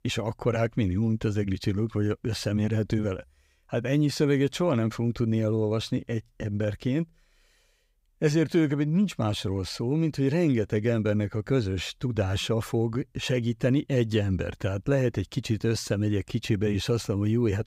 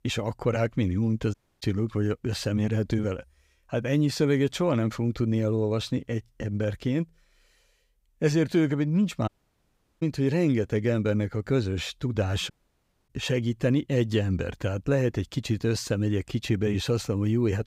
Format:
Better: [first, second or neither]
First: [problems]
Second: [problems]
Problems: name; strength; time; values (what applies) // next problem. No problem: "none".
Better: first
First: none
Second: audio cutting out; at 1.5 s, at 9.5 s for 0.5 s and at 13 s for 0.5 s